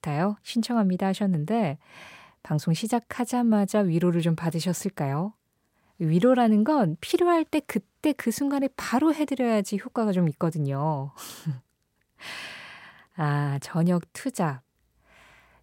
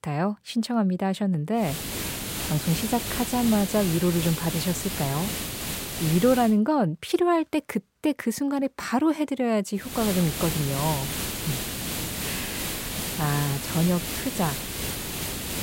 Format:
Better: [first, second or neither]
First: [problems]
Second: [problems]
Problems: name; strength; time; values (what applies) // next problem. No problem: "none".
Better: first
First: none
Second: hiss; loud; from 1.5 to 6.5 s and from 10 s on; 4 dB below the speech